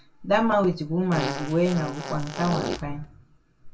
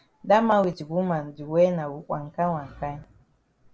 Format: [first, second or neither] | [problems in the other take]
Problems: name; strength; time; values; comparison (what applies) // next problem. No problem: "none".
second | background sound (Fart); 6 dB below the speech // room echo; dies away in 0.2 s